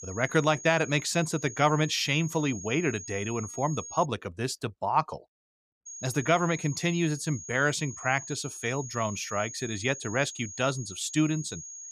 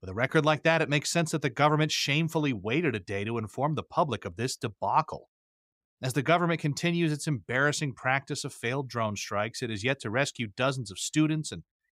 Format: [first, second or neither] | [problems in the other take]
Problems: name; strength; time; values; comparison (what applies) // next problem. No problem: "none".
second | high-pitched whine; noticeable; until 4 s and from 6 s on; 6.5 kHz, 10 dB below the speech